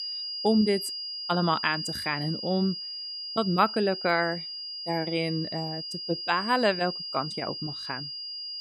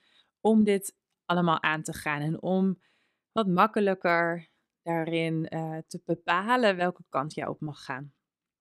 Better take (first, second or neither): second